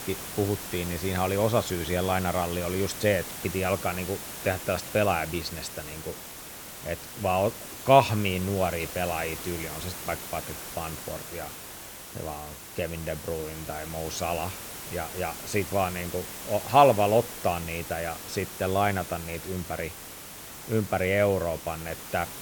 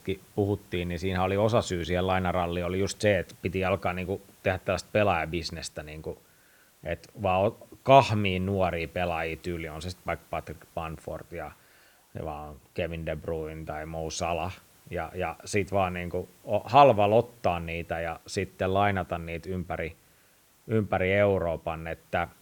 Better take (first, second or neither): second